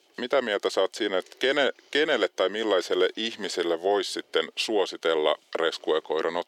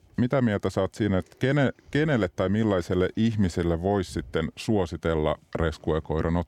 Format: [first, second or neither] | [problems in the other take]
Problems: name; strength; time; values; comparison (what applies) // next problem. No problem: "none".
second | thin; very; fading below 400 Hz